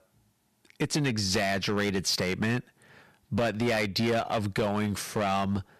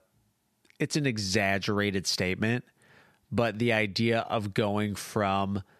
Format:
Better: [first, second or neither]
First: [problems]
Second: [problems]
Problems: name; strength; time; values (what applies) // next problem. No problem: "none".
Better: second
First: distortion; heavy; 9% of the sound clipped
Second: none